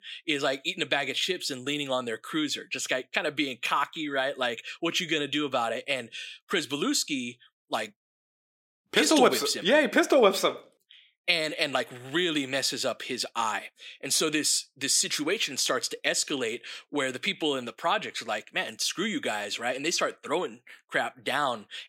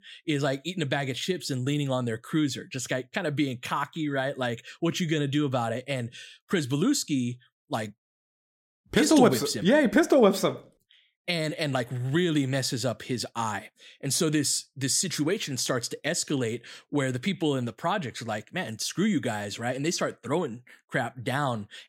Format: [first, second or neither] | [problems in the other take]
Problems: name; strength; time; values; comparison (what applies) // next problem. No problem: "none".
second | thin; somewhat; fading below 350 Hz